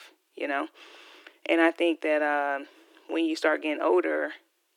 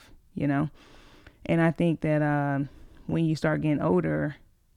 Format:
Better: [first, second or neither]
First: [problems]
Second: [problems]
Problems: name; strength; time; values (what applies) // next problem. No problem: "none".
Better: second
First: thin; very; fading below 300 Hz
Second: none